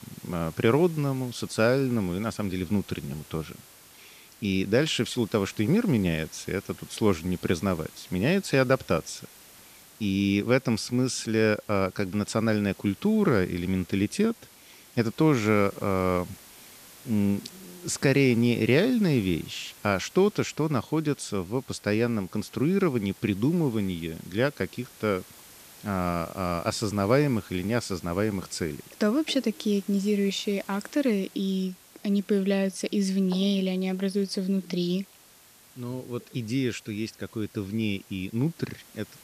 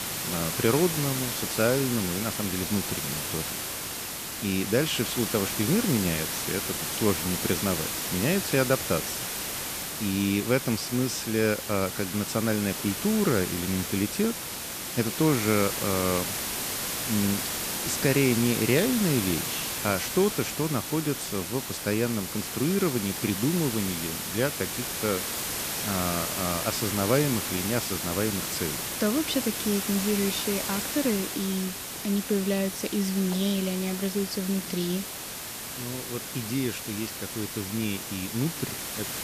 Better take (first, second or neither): first